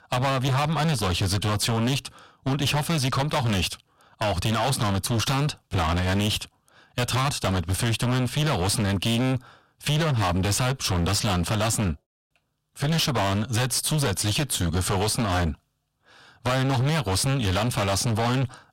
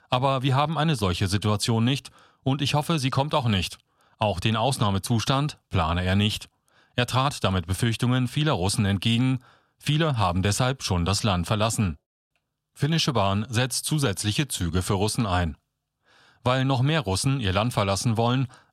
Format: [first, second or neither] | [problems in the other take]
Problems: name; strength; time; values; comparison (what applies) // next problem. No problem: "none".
second | distortion; heavy; 27% of the sound clipped